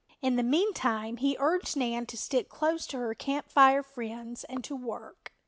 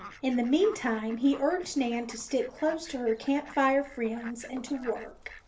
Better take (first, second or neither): first